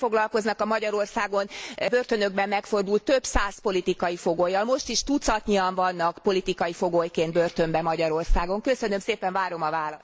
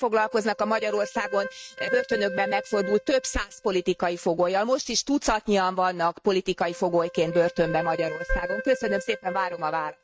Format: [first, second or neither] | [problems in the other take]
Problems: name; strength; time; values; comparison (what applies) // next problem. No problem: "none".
first | noise reduction (neural mask model RNNoise)